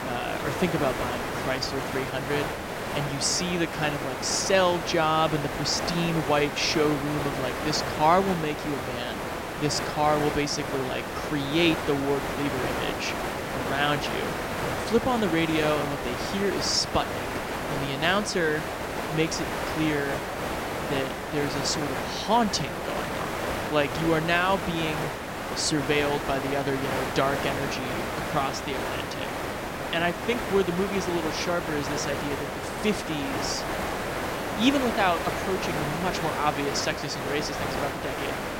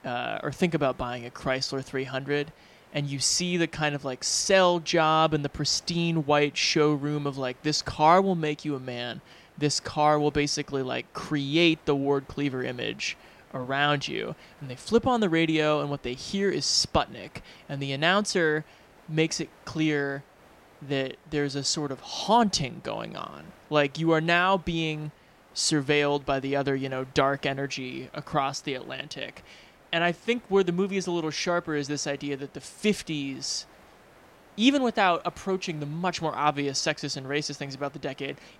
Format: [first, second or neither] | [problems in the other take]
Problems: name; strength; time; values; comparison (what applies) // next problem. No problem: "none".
second | hiss; loud; throughout; 3 dB below the speech; faint in the second